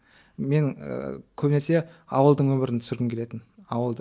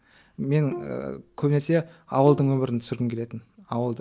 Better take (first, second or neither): first